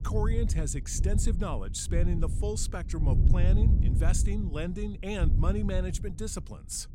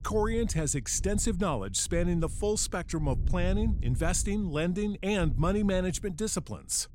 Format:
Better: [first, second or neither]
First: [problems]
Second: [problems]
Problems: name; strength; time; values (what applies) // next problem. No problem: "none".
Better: second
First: wind noise on the microphone; heavy; 8 dB below the speech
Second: wind noise on the microphone; occasional gusts; 20 dB below the speech